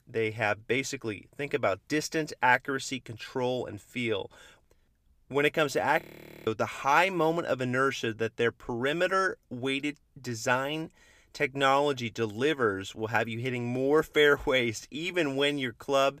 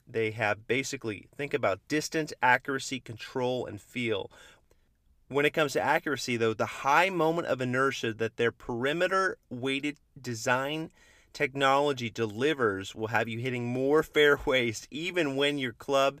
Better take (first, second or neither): second